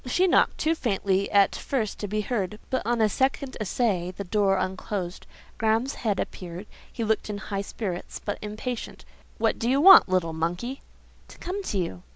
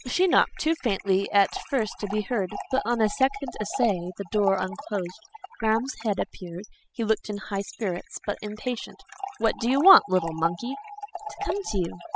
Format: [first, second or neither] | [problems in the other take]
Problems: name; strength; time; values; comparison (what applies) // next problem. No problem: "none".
first | noise reduction (classical method spectral subtraction)